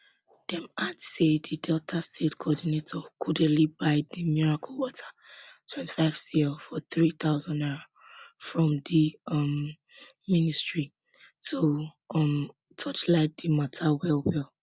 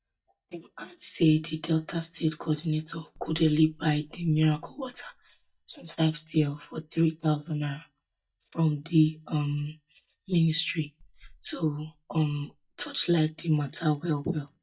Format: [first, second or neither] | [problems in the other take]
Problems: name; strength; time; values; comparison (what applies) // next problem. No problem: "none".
first | noise reduction (neural mask model DeepFilterNet 3)